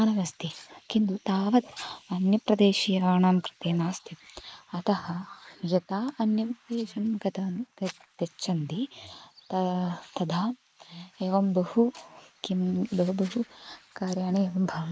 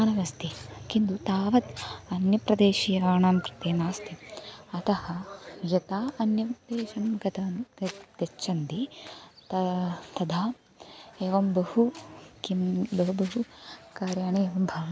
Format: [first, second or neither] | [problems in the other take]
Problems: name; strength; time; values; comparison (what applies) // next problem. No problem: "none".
second | noise reduction (neural mask model Resemble Enhance denoiser)